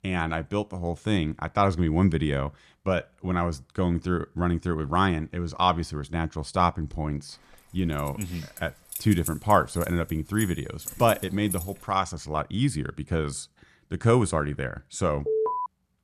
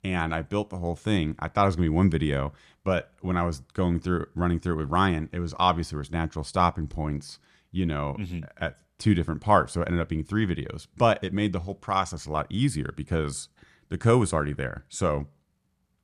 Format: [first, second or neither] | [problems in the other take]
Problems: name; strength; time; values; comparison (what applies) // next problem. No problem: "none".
second | jangling keys; noticeable; from 8 to 12 s; peak 8 dB below the speech // alarm; loud; at 15 s; peak level with the speech